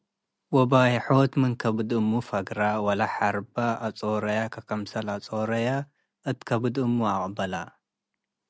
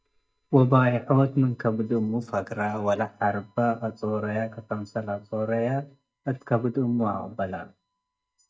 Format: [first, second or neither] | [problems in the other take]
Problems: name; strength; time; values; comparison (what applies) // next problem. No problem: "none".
first | noise reduction (neural mask model DeepFilterNet 3)